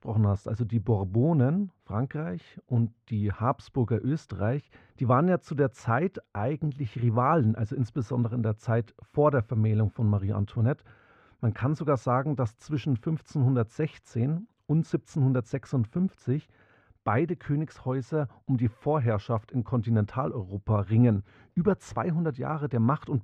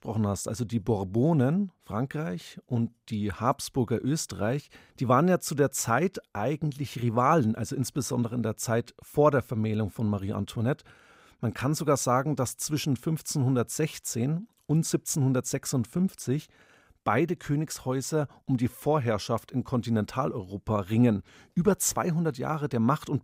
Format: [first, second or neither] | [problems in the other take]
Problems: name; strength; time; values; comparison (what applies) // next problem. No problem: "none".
second | muffled; very; fading above 2 kHz